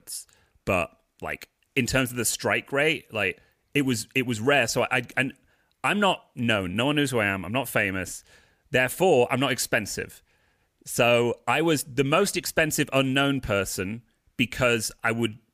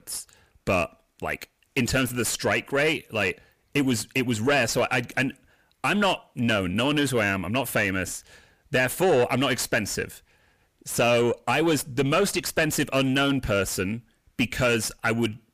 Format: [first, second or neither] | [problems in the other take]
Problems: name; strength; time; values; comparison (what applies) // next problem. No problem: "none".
first | distortion; slight; 10 dB below the speech